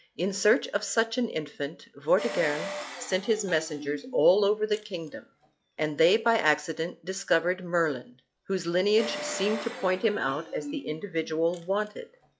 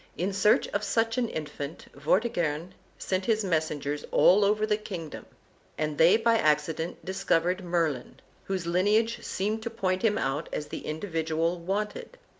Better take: second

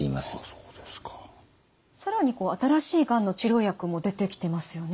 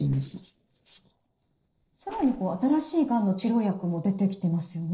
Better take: first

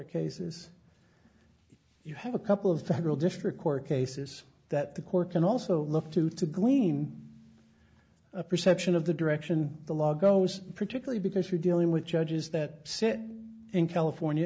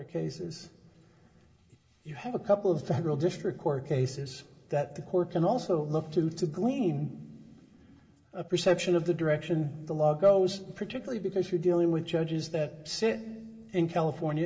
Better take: first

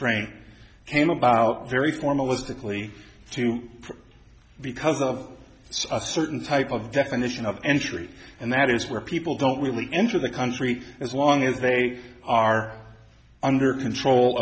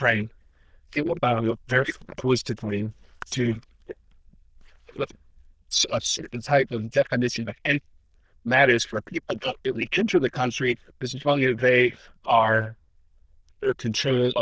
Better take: first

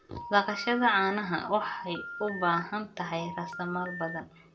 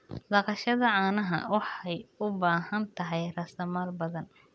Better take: second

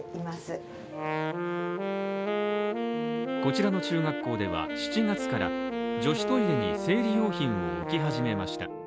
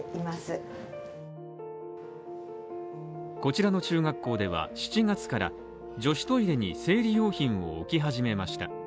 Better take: second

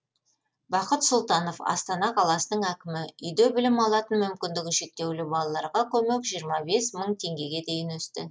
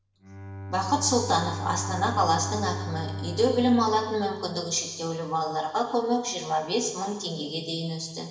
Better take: first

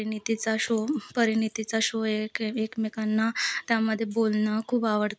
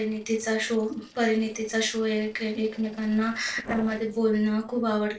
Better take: first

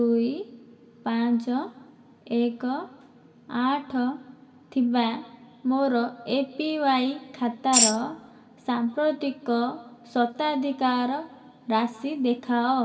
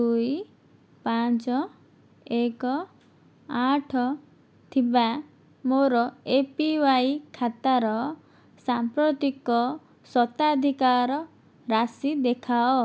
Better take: second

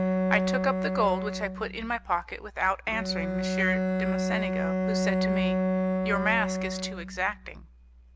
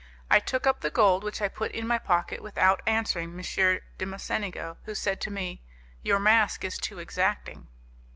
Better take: second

